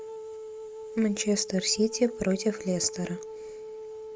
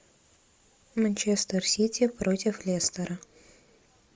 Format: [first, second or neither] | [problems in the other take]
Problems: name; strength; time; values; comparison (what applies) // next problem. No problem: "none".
second | background sound (Wind instrument, woodwind instrument); 10 dB below the speech